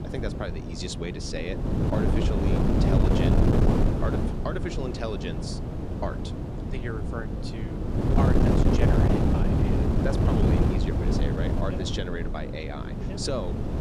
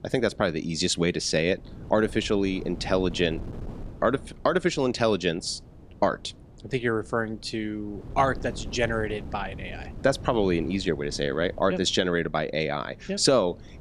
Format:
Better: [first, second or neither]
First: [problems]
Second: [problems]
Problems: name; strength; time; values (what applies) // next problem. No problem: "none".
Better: second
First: wind noise on the microphone; heavy; 3 dB above the speech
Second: wind noise on the microphone; occasional gusts; 25 dB below the speech